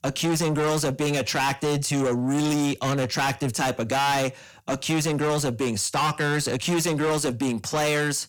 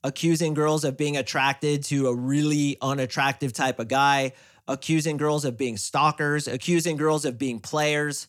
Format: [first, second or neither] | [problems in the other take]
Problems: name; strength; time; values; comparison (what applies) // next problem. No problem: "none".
second | distortion; heavy; 7 dB below the speech